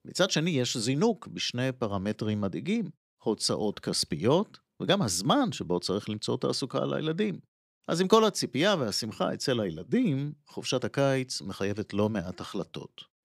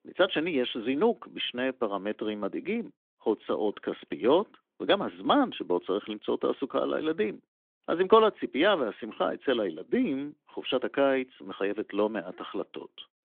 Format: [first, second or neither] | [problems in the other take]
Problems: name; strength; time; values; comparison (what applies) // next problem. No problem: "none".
first | phone-call audio; nothing above 3.5 kHz